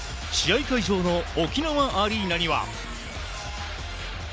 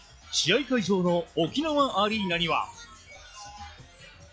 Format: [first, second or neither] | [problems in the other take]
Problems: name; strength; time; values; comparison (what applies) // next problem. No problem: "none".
first | noise reduction (classical method log-MMSE)